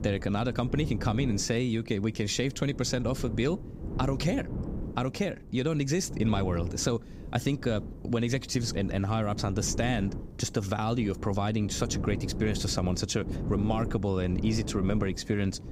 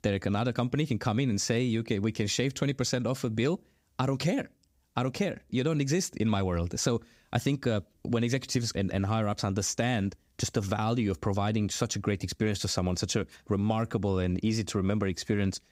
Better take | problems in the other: second | wind noise on the microphone; occasional gusts; 15 dB below the speech

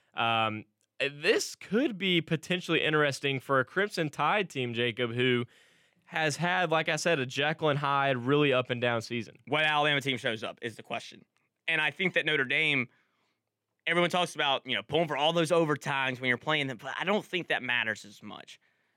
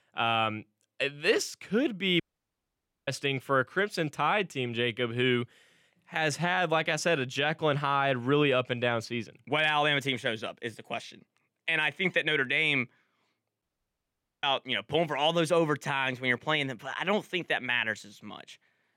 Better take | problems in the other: first | audio cutting out; at 2 s for 1 s and at 14 s for 1 s

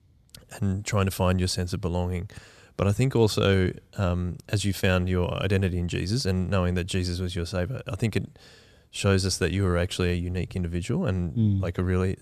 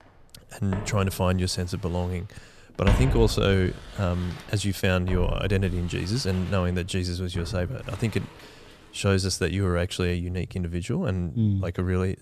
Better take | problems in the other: first | footsteps; loud; from 0.5 to 7.5 s; peak 1 dB above the speech

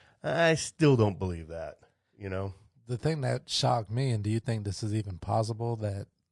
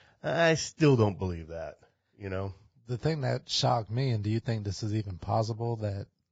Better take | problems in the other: first | garbled, watery; badly; nothing above 7.5 kHz; slightly in the first

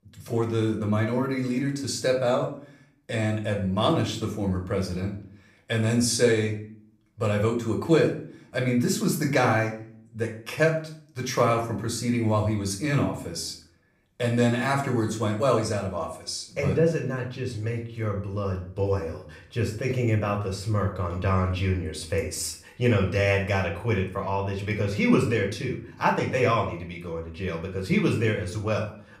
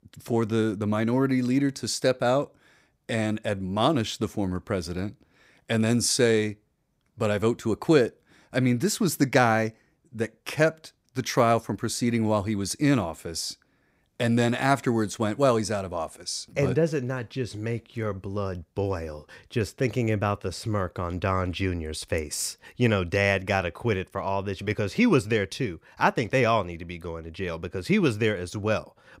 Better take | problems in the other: second | room echo; slight; dies away in 0.4 s // off-mic speech; far

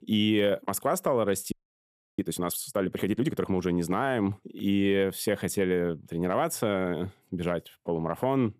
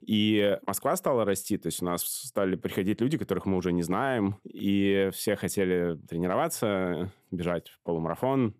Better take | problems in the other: second | audio freezing; at 1.5 s for 0.5 s

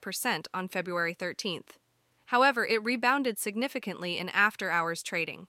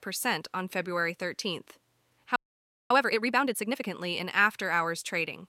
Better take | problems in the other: first | audio freezing; at 2.5 s for 0.5 s

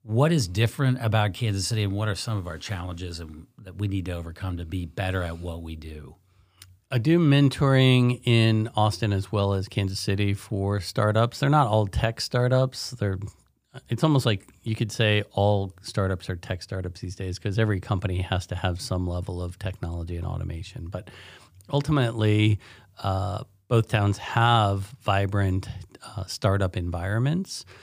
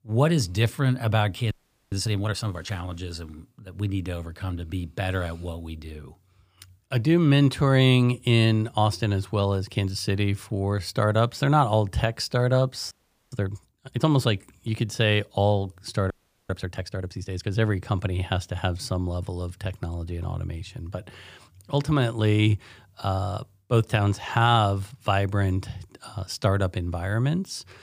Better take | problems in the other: first | audio freezing; at 1.5 s, at 13 s and at 16 s

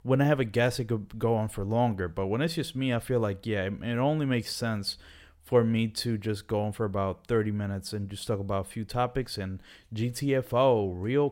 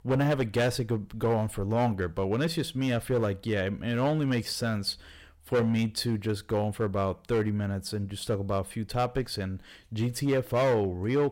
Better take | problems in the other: first | distortion; slight; 6% of the sound clipped

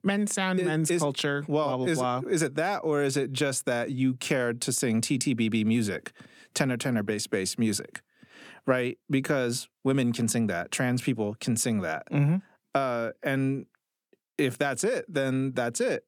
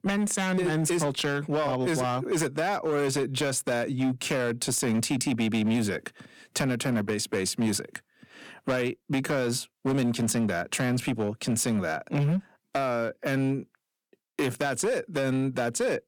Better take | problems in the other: first | distortion; slight; 13% of the sound clipped

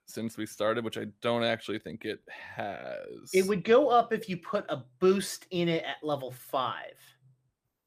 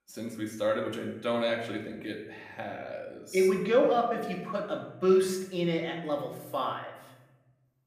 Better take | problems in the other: first | room echo; slight; dies away in 0.8 s // off-mic speech; somewhat distant

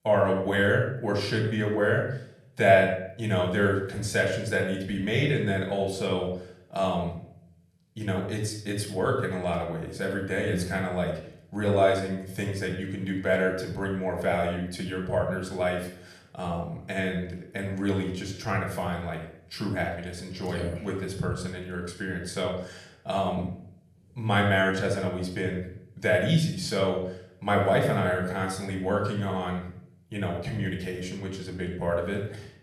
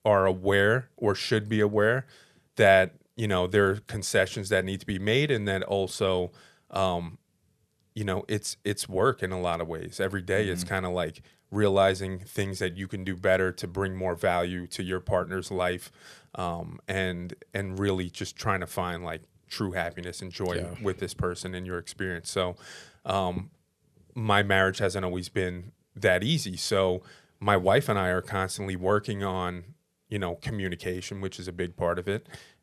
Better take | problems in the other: second | off-mic speech; somewhat distant // room echo; noticeable; dies away in 0.6 s

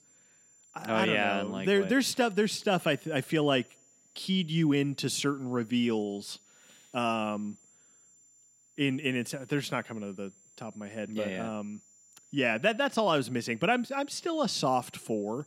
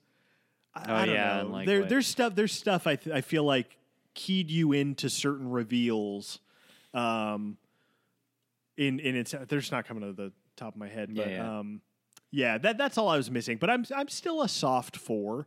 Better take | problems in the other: second | high-pitched whine; faint; throughout; 7 kHz, 30 dB below the speech

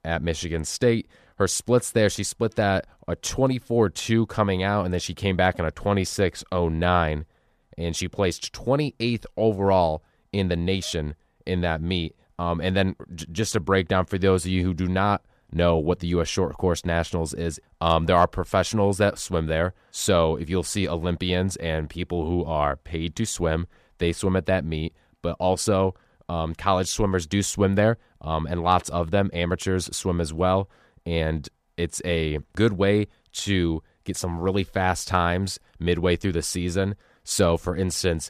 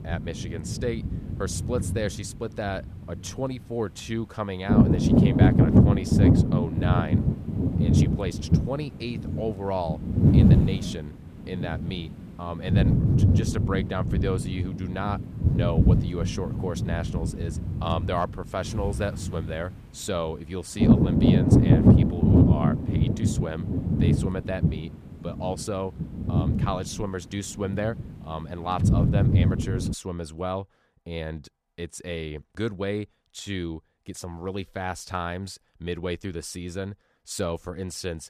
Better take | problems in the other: first | wind noise on the microphone; heavy; until 30 s; 3 dB above the speech

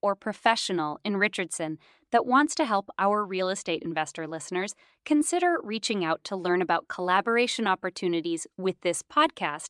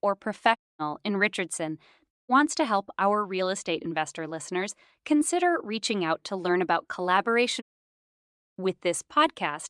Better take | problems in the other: first | audio cutting out; at 0.5 s, at 2 s and at 7.5 s for 1 s

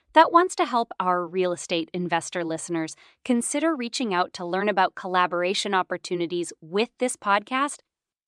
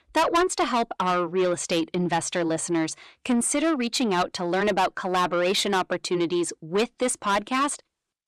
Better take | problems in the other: first | distortion; heavy; 6 dB below the speech

